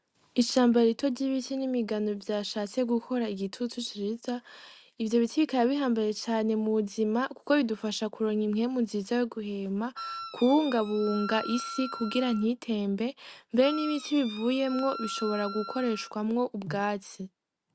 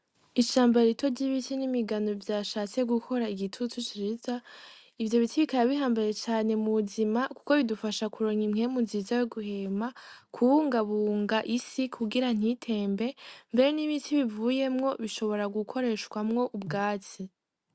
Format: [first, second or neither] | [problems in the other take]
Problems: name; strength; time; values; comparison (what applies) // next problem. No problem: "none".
second | background sound (Wind instrument, woodwind instrument); 11 dB below the speech